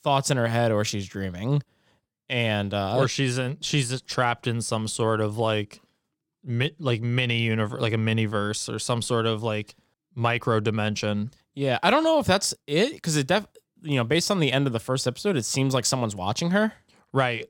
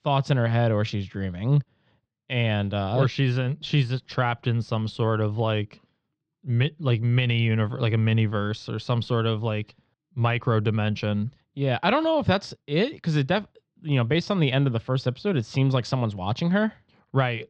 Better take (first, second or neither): first